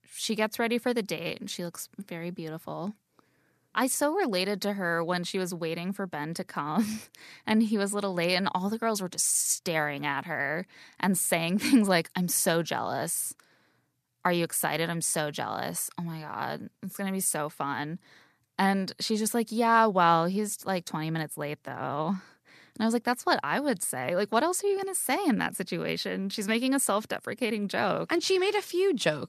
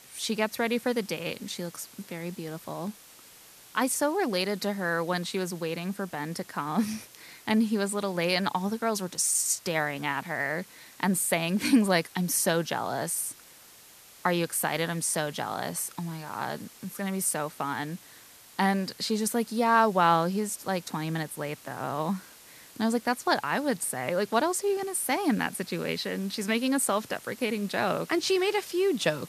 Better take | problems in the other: first | hiss; faint; throughout; 20 dB below the speech

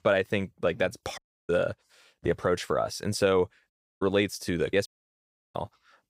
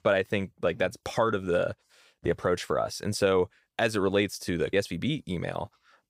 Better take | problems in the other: second | audio cutting out; at 1 s, at 3.5 s and at 5 s for 0.5 s

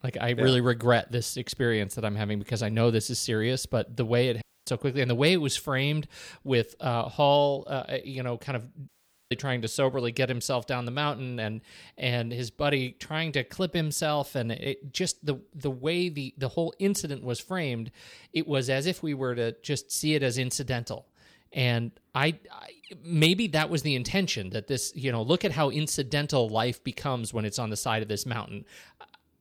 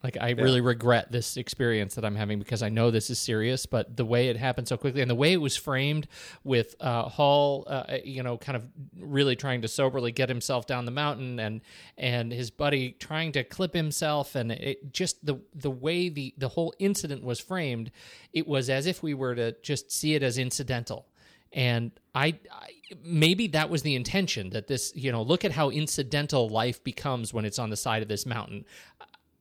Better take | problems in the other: second | audio cutting out; at 4.5 s and at 9 s

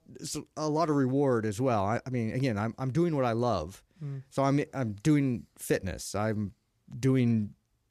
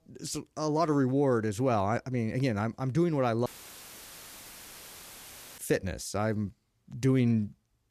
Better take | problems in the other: first | audio cutting out; filled with static; at 3.5 s for 2 s

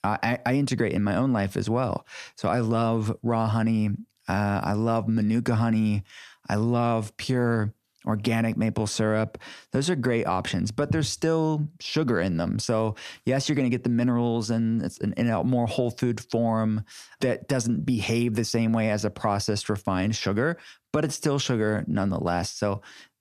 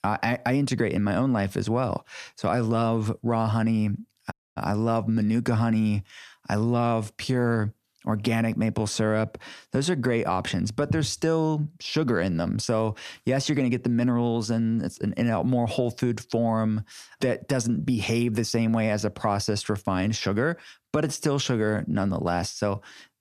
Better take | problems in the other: first | audio cutting out; at 4.5 s

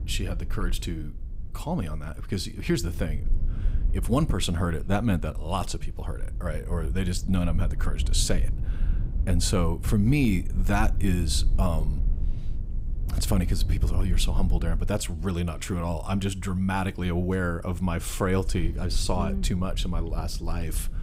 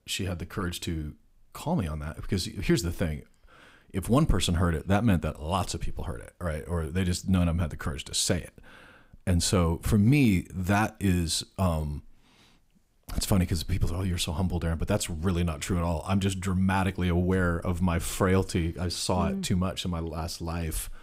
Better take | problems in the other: second | low rumble; noticeable; throughout; 20 dB below the speech

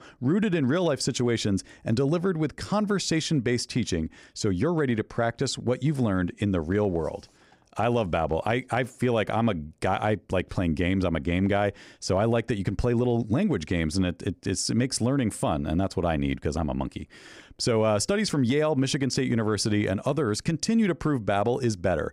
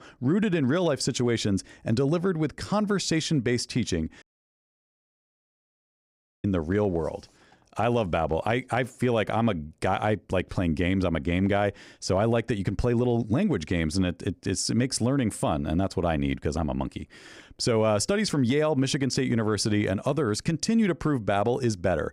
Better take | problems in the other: first | audio cutting out; at 4 s for 2 s

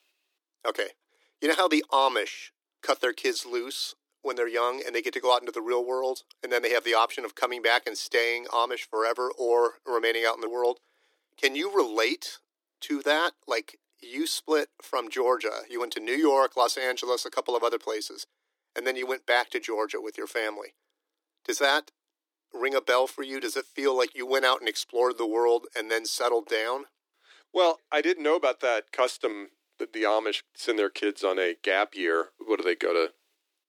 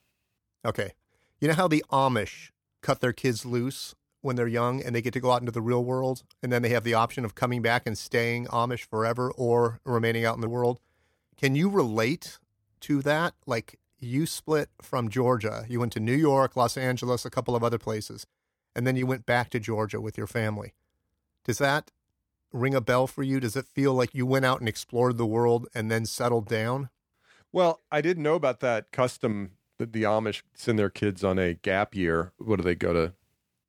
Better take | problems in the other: second | thin; very; fading below 300 Hz

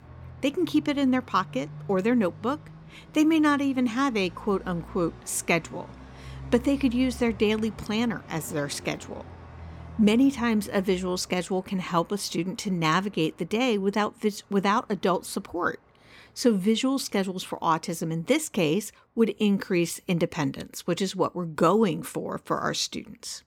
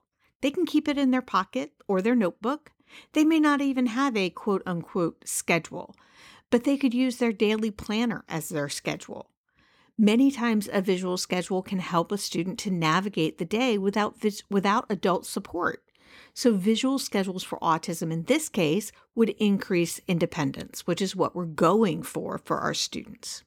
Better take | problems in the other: second | traffic noise; noticeable; throughout; 20 dB below the speech

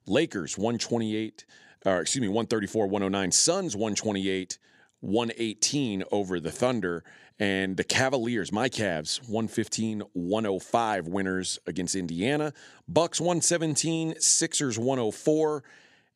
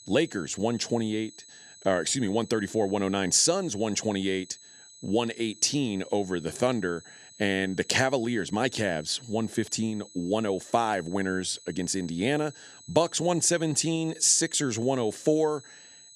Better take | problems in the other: first | high-pitched whine; faint; throughout; 4 kHz, 20 dB below the speech

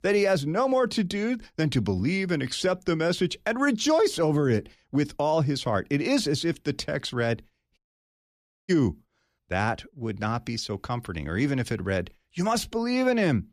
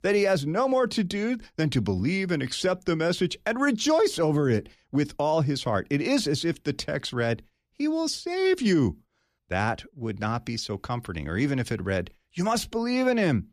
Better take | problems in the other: second | audio cutting out; at 8 s for 1 s

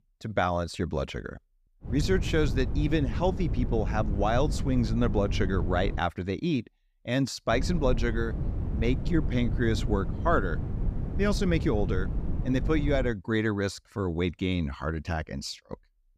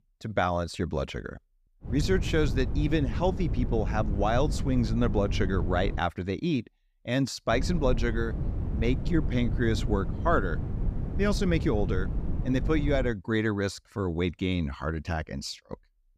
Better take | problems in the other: neither | wind noise on the microphone; occasional gusts; from 2 to 6 s and from 7.5 to 13 s; 15 dB below the speech; the same in both

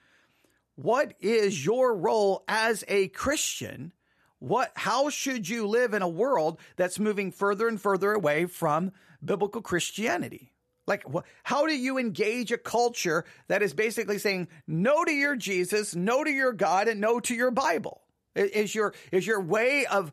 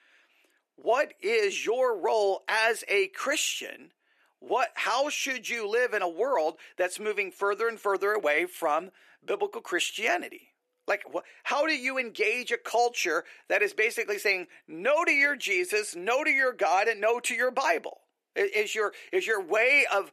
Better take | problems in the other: first | thin; somewhat; fading below 350 Hz

